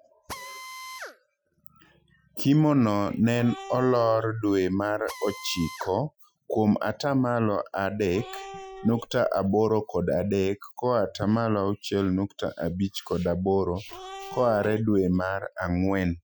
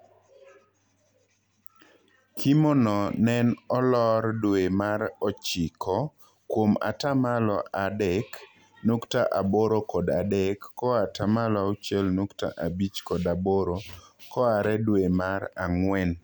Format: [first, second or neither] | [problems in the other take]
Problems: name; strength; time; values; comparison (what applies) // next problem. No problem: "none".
second | noise reduction (classical method Wiener filter)